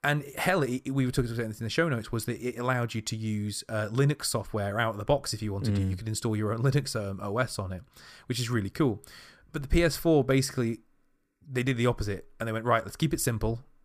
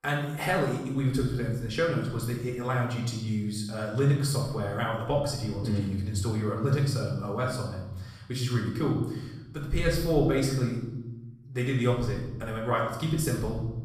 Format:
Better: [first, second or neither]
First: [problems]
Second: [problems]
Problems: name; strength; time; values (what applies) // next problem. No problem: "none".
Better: first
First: none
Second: off-mic speech; far // room echo; noticeable; dies away in 1 s